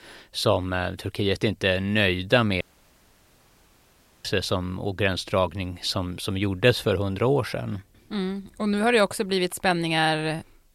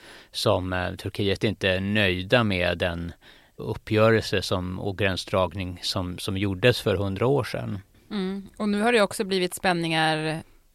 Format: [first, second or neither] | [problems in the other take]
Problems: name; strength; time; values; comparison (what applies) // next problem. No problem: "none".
second | audio cutting out; at 2.5 s for 1.5 s